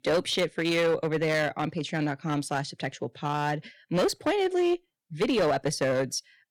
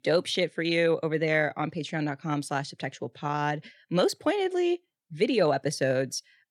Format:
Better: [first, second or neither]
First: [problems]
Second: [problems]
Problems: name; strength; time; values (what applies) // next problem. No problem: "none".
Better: second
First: distortion; slight; 9% of the sound clipped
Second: none